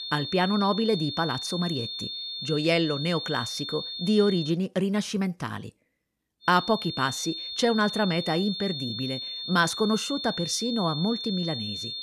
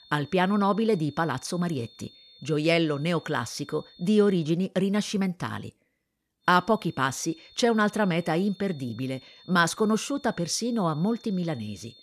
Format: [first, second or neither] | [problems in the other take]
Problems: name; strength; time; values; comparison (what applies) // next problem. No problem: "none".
second | high-pitched whine; loud; until 4.5 s and from 6.5 s on; 3.5 kHz, 5 dB below the speech; faint in the second